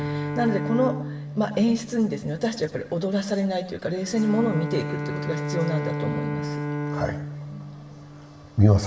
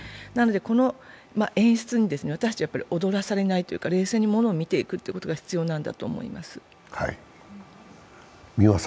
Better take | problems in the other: second | background sound (Bowed string instrument); 6 dB below the speech // room echo; dies away in 0.8 s

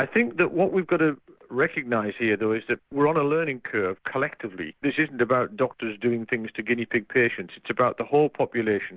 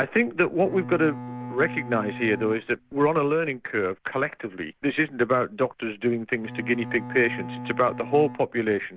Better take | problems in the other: first | background sound (Bowed string instrument); 11 dB below the speech

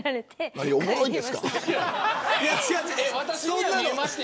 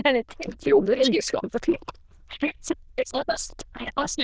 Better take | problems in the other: first | noise reduction (neural diffusion model UNIVERSE++)

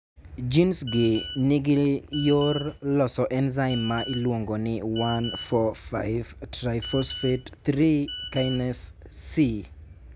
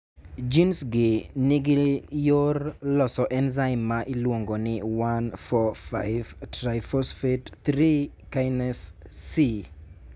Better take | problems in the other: second | background sound (Telephone); 13 dB below the speech

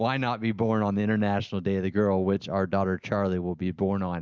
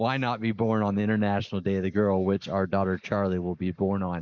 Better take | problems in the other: first | noise reduction (neural mask model Resemble Enhance denoiser)

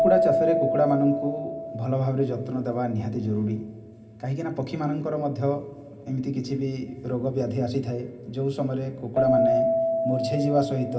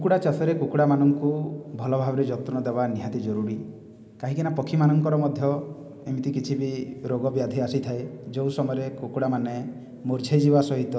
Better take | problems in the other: second | background sound (Keyboard (musical)); 2 dB below the speech // room echo; dies away in 0.4 s

